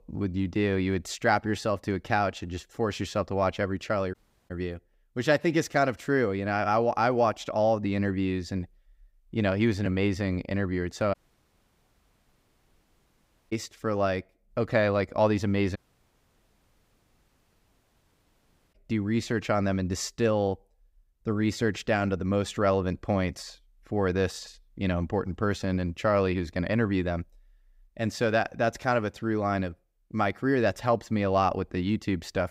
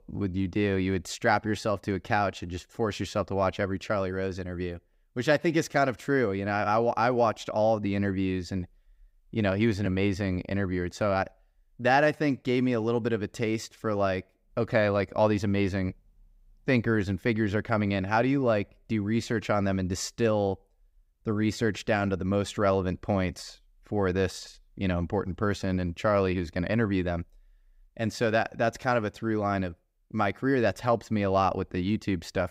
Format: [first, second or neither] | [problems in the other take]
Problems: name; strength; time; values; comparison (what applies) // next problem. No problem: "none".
second | audio cutting out; at 4 s, at 11 s for 2.5 s and at 16 s for 3 s